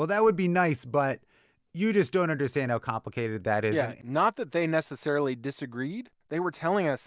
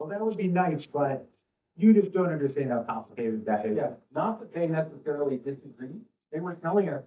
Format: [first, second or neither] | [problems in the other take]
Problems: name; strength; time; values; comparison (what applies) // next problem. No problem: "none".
first | noise reduction (neural mask model DeepFilterNet 3)